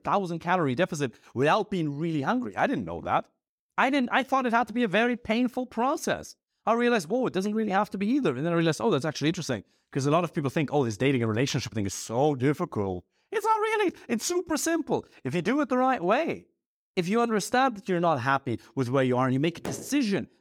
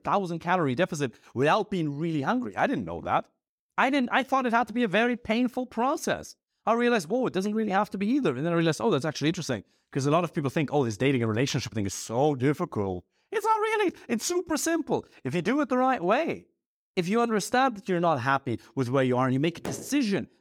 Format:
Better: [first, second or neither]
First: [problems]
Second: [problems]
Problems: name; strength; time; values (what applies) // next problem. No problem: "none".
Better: neither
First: none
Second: none